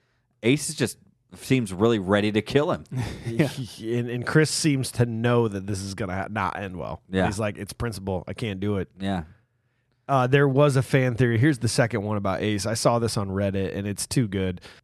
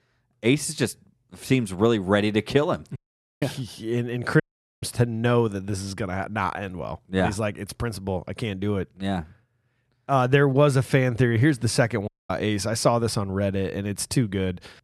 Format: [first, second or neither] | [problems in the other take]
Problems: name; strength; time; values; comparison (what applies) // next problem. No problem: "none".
first | audio cutting out; at 3 s, at 4.5 s and at 12 s